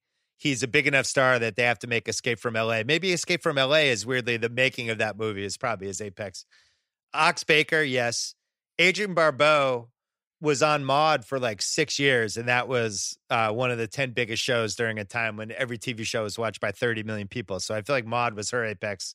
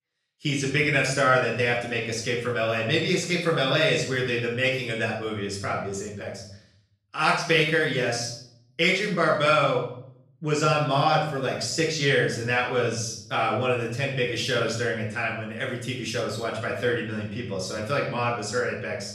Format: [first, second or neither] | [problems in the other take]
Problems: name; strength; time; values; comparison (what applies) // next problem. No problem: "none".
first | off-mic speech; far // room echo; noticeable; dies away in 0.7 s